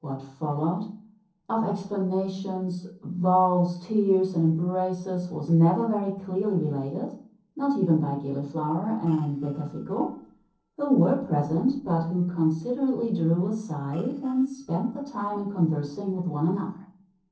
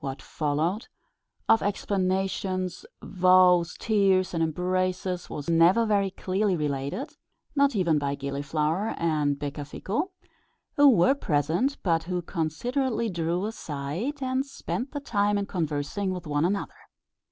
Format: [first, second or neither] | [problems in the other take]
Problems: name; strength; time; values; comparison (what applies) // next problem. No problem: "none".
second | noise reduction (neural separator model SepFormer DNS4)